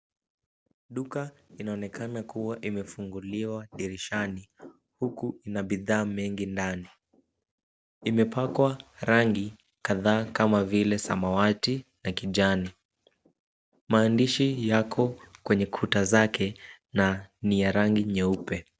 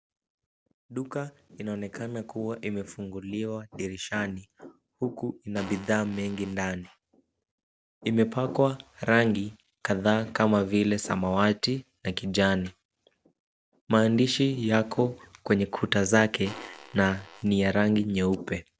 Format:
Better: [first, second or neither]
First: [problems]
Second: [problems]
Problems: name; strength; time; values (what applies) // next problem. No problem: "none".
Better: first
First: none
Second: background sound (Fart); 17 dB below the speech